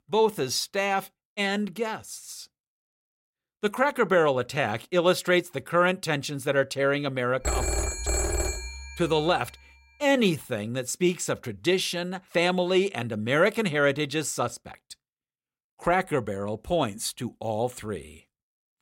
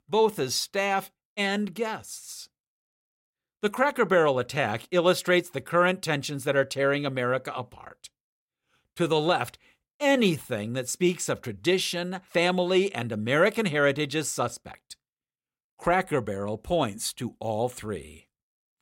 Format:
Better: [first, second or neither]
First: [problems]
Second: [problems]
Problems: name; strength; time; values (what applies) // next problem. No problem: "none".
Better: second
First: phone ringing; noticeable; from 7.5 to 9 s; peak level with the speech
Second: none